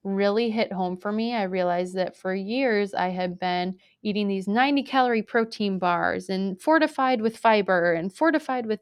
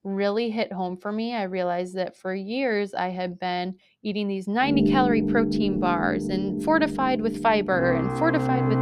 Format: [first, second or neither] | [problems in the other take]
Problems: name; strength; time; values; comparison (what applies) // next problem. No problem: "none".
first | background music; loud; from 4.5 s on; 1 dB below the speech